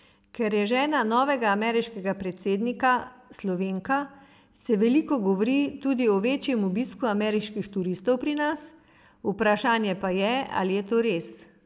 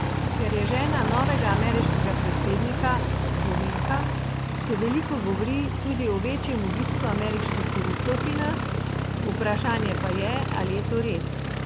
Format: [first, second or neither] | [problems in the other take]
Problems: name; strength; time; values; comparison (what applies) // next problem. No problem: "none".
first | background sound (Aircraft); 3 dB above the speech